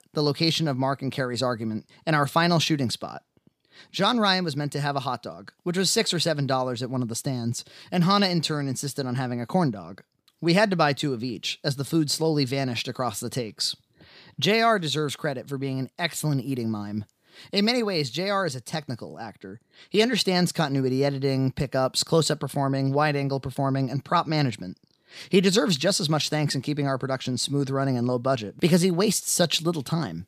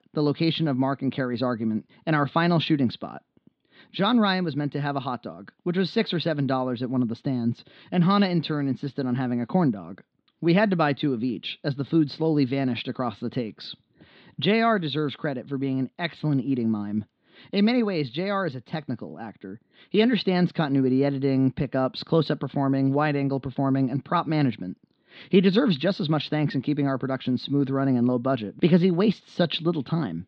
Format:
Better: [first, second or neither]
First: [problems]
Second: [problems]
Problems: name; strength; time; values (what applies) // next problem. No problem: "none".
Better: first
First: none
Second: muffled; slightly; fading above 3.5 kHz